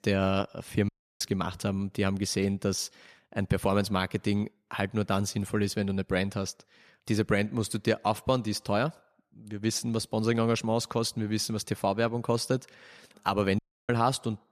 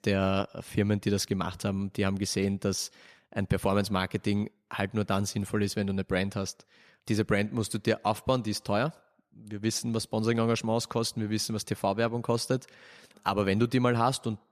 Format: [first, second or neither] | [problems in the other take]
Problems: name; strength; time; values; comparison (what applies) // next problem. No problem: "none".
second | audio cutting out; at 1 s and at 14 s